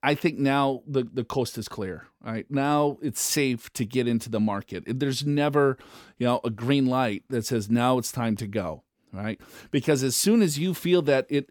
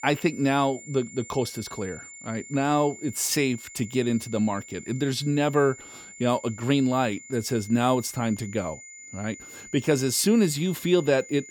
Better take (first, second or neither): first